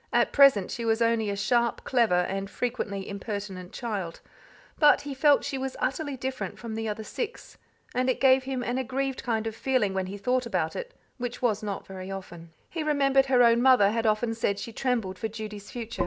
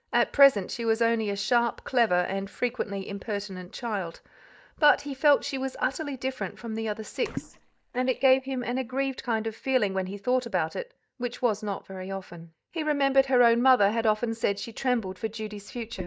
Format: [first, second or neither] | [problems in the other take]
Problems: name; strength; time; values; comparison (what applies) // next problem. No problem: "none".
first | noise reduction (neural mask model DeepFilterNet 3)